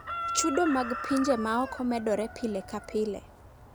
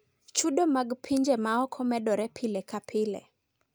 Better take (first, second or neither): second